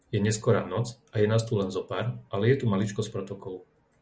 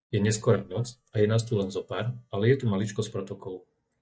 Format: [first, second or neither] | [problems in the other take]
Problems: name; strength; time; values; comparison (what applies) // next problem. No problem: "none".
first | noise reduction (neural mask model DeepFilterNet 3)